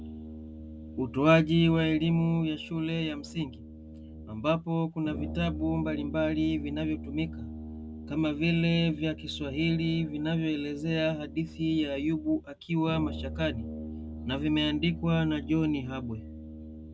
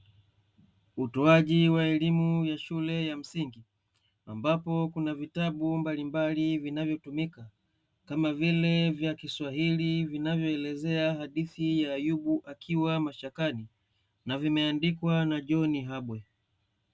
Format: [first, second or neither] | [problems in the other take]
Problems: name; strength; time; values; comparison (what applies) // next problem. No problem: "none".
second | background sound (Brass instrument); 11 dB below the speech